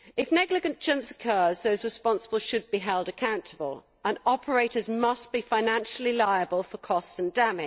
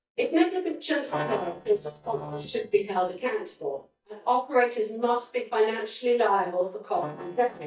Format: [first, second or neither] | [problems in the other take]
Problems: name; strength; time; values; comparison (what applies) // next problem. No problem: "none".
first | noise reduction (neural mask model DeepFilterNet 3)